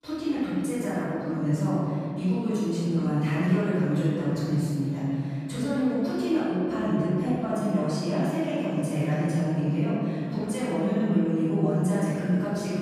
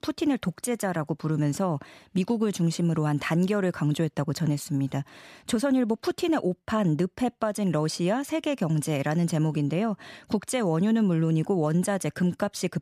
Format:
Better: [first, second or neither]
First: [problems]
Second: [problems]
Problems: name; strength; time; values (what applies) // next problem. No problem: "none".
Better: second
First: off-mic speech; far // room echo; strong; dies away in 2.6 s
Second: none